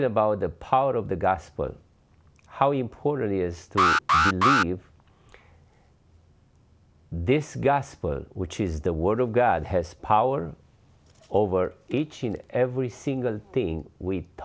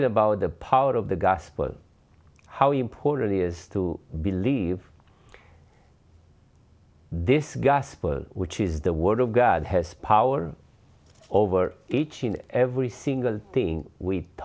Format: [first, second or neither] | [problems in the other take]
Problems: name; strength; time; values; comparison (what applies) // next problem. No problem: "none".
second | background sound (Alarm); 3 dB above the speech